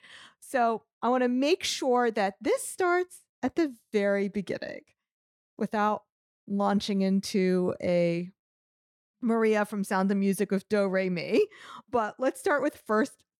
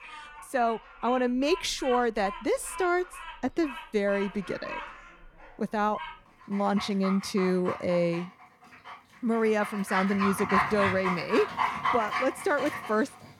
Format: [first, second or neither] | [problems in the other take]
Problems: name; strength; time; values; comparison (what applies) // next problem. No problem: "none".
first | animal sounds; loud; throughout; 6 dB below the speech